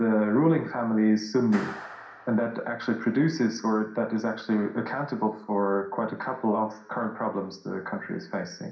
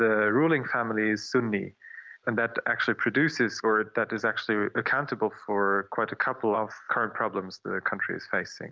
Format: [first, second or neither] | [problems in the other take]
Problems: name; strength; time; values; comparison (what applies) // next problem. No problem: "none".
second | background sound (Clapping); 19 dB below the speech // room echo; dies away in 0.5 s